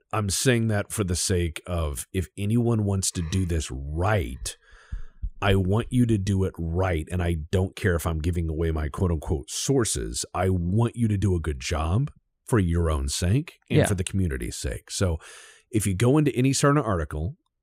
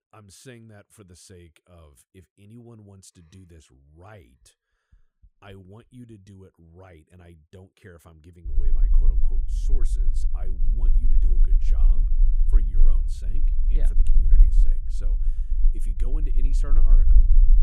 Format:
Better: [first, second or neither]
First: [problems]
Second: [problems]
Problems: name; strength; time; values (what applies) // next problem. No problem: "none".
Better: first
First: none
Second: low rumble; loud; from 8.5 s on; 1 dB below the speech